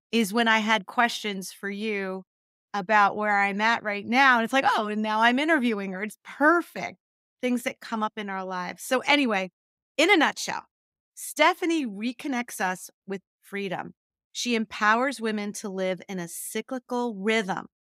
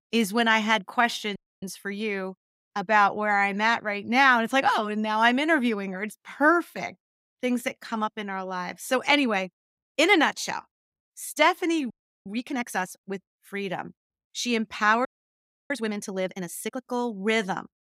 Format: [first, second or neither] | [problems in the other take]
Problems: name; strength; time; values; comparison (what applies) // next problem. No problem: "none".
first | audio freezing; at 1.5 s, at 12 s and at 15 s for 0.5 s